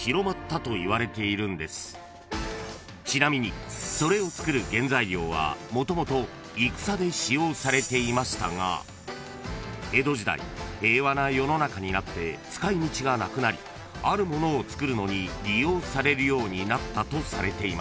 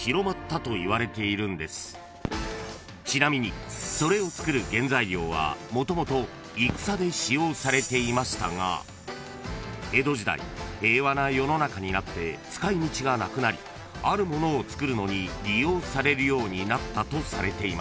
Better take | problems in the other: first | background sound (Fireworks); 16 dB below the speech

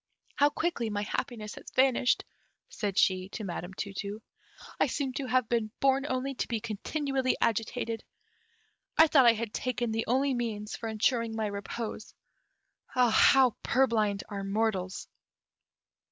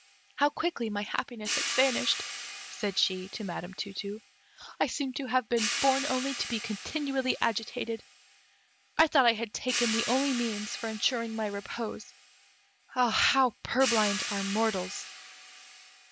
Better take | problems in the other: first | background sound (Hi-hat); 8 dB below the speech

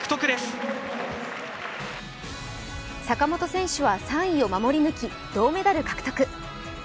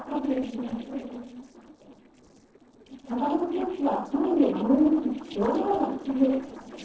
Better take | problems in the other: first | noise reduction (neural separator model SepFormer DNS4)

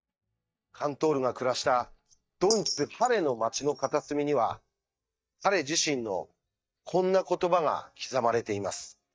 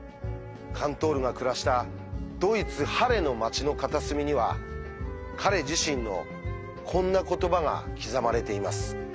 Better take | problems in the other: second | noise reduction (neural mask model DeepFilterNet 3)

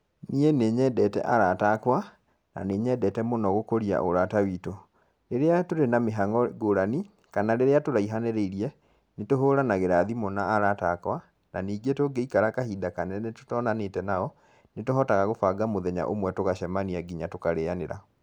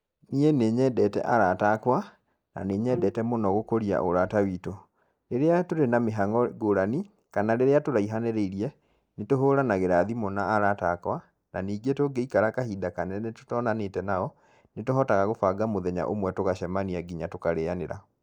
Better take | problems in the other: first | noise reduction (neural mask model DeepFilterNet 3)

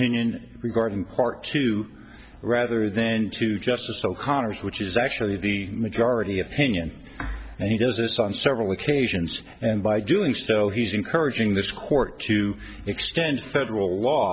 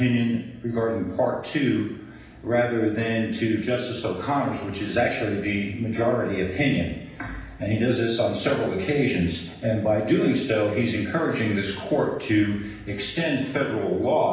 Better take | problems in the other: first | room echo; dies away in 0.9 s

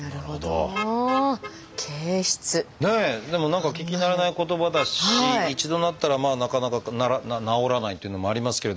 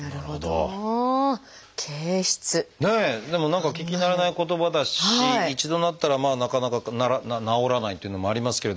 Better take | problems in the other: second | background sound (Motor vehicle (road)); 14 dB below the speech

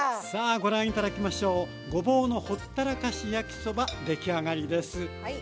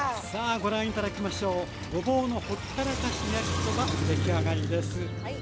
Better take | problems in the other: first | background sound (Car); 1 dB below the speech

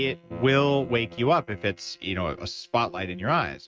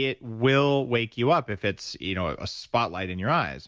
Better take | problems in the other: second | noise reduction (neural mask model RNNoise)

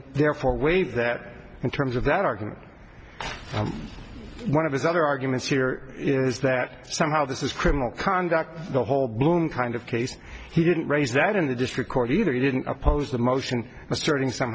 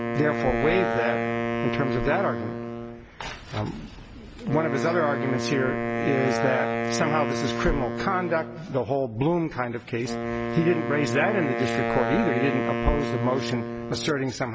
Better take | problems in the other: first | background sound (Wind instrument, woodwind instrument); 2 dB below the speech

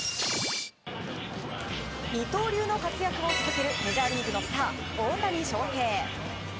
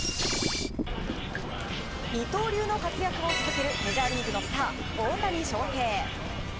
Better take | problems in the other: first | background sound (Drip / Water tap, faucet); 7 dB below the speech

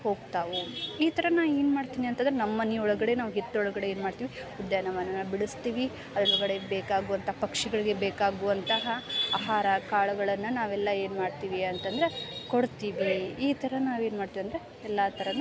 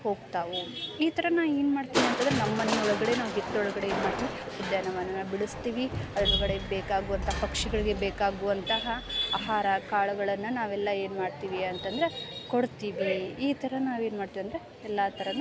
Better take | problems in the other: first | background sound (Crushing); 7 dB below the speech

